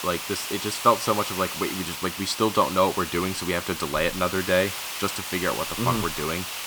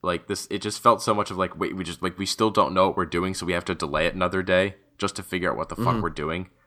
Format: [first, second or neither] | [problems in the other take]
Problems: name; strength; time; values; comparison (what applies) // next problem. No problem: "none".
second | hiss; loud; throughout; 5 dB below the speech